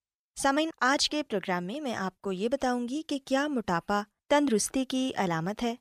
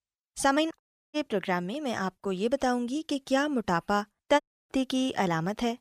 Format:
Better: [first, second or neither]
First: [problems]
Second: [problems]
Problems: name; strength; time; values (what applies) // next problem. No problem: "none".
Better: first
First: none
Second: audio cutting out; at 1 s and at 4.5 s